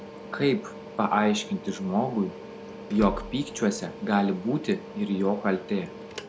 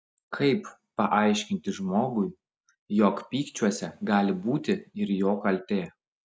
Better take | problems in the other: second | background sound (Mechanical fan + Door / Car); 13 dB below the speech

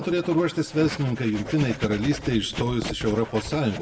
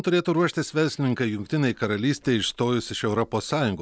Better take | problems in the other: second | background sound (Writing); 11 dB below the speech // room echo; dies away in 0.5 s

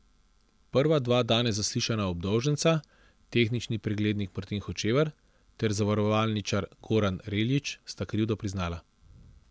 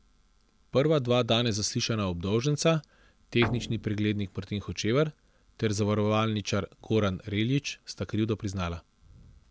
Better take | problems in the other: first | background sound (Guitar); 10 dB below the speech

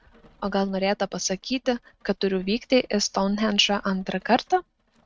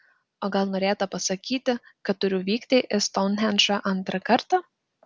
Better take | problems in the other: second | noise reduction (neural mask model RNNoise)

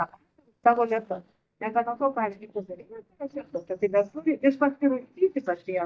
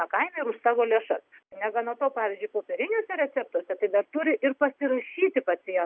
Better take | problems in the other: second | noise reduction (neural mask model DeepFilterNet 3)

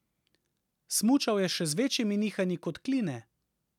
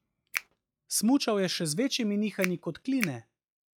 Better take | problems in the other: first | noise reduction (classical method log-MMSE)

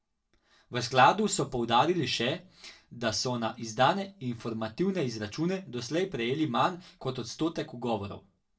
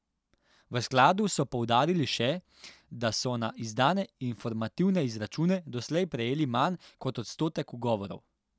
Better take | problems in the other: second | room echo; dies away in 0.2 s

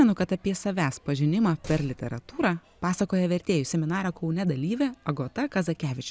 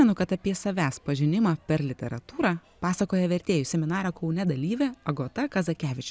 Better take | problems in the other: second | background sound (Slam); 18 dB below the speech

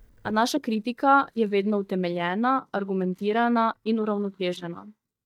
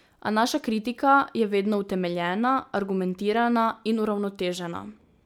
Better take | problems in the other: second | noise reduction (neural mask model DeepFilterNet 3)

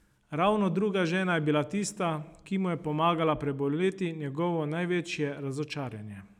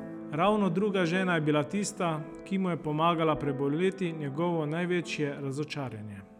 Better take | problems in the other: first | background sound (Keyboard (musical)); 15 dB below the speech

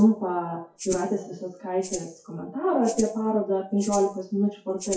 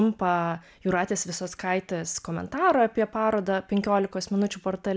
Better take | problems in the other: second | noise reduction (classical method WPE with log-MMSE)

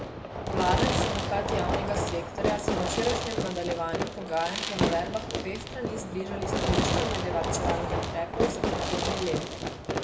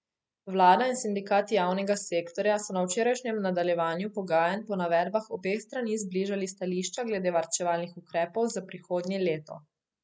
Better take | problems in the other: second | background sound (Fireworks); 4 dB above the speech // room echo; dies away in 1.1 s

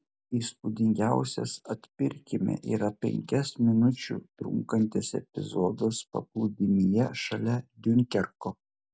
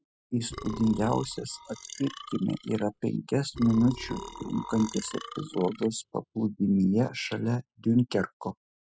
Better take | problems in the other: first | noise reduction (classical method spectral subtraction)

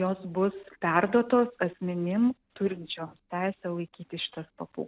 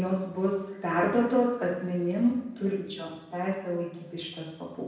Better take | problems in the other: first | room echo; dies away in 0.9 s

